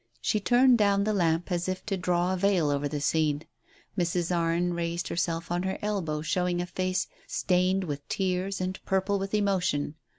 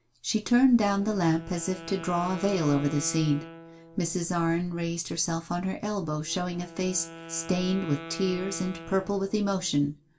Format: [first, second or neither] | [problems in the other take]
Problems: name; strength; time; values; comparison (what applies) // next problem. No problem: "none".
first | background sound (Wind instrument, woodwind instrument); 16 dB below the speech // room echo; dies away in 0.2 s